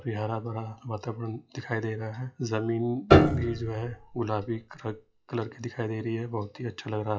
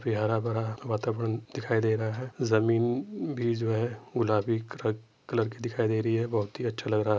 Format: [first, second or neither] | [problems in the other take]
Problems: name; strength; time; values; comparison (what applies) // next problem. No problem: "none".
second | noise reduction (classical method WPE with log-MMSE)